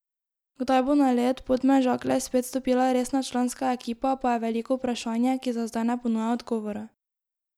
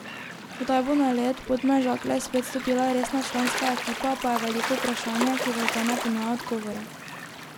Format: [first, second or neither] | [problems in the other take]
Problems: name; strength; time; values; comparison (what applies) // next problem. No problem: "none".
first | background sound (Gull, seagull / Waves, surf); 6 dB below the speech